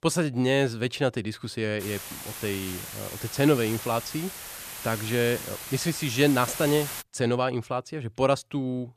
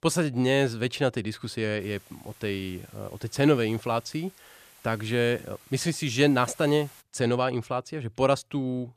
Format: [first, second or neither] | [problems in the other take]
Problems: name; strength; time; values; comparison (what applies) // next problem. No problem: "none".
second | hiss; loud; from 2 to 7 s; 9 dB below the speech; faint in the second